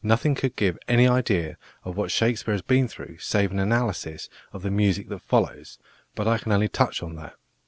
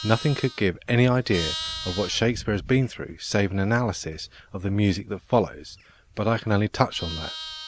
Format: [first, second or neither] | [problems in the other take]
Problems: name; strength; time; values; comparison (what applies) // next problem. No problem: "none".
first | background sound (Livestock, farm animals, working animals); 14 dB below the speech